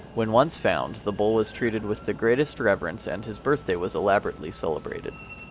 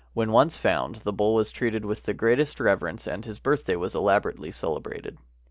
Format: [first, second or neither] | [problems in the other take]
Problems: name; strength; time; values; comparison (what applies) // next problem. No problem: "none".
second | background sound (Train); 18 dB below the speech